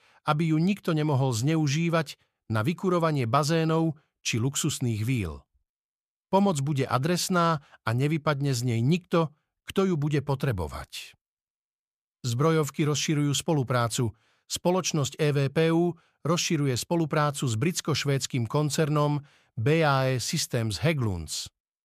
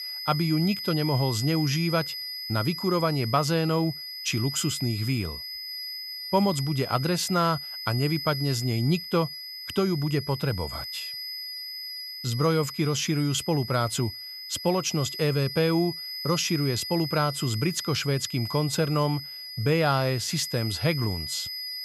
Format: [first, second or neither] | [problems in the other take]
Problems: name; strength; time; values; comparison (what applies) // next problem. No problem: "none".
first | high-pitched whine; loud; throughout; 5 kHz, 7 dB below the speech